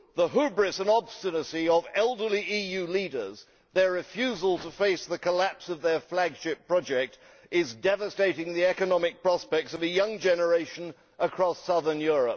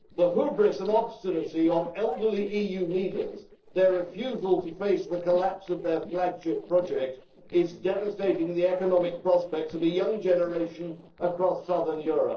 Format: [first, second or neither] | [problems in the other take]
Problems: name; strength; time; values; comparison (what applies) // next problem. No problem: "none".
first | noise reduction (neural separator model SepFormer DNS4)